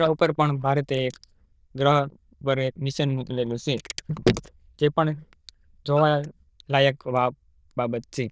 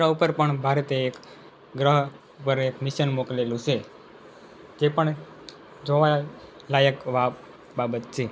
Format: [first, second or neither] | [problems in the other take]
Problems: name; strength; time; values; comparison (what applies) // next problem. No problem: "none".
second | noise reduction (neural diffusion model UNIVERSE++)